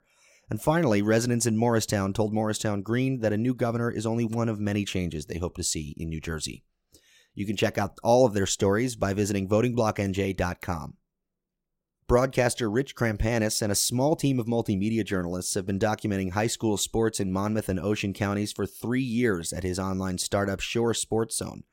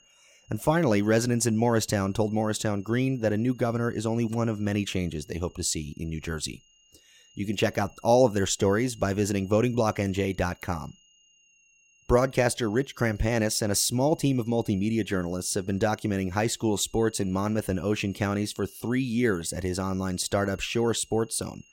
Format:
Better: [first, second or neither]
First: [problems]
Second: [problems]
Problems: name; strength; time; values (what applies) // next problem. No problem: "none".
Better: first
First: none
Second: high-pitched whine; faint; throughout; 3 kHz, 30 dB below the speech